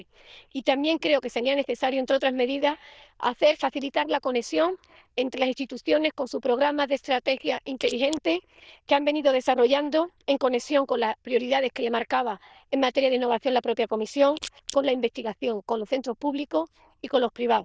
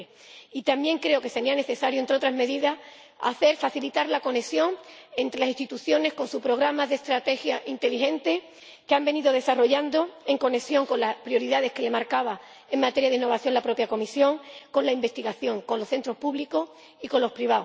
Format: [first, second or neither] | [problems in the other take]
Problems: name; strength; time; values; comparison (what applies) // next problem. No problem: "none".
second | noise reduction (neural diffusion model UNIVERSE++)